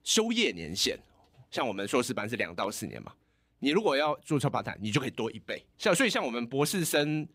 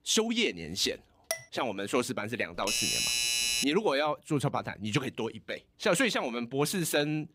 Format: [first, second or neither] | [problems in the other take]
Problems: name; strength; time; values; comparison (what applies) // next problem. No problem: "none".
first | clattering dishes; noticeable; at 1.5 s; peak 6 dB below the speech // doorbell; loud; from 2.5 to 3.5 s; peak 4 dB above the speech